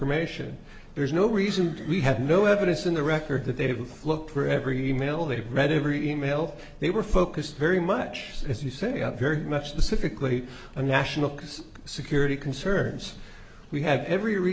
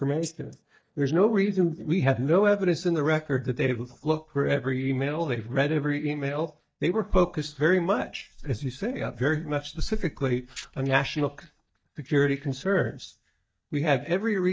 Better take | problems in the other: first | noise reduction (neural mask model DeepFilterNet 3)

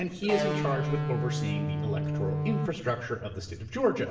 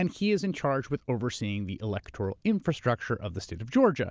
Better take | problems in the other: second | background sound (Electric guitar); 2 dB above the speech // room echo; dies away in 0.8 s

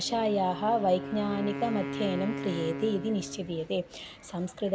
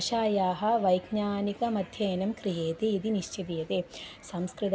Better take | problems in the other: second | background sound (Wind instrument, woodwind instrument); 8 dB below the speech

